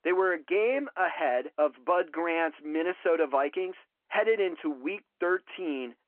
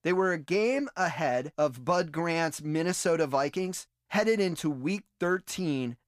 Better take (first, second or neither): second